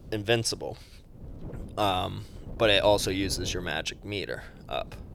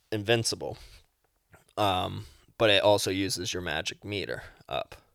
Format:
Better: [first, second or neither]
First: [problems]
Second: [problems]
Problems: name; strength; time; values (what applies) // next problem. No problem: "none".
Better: second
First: wind noise on the microphone; occasional gusts; 25 dB below the speech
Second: none